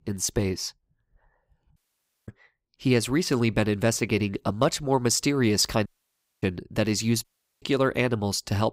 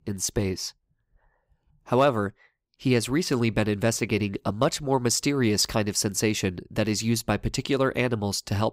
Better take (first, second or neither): second